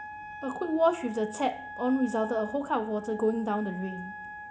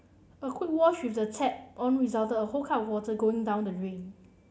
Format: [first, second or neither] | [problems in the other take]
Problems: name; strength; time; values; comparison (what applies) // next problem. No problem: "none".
second | background sound (Wind instrument, woodwind instrument); 13 dB below the speech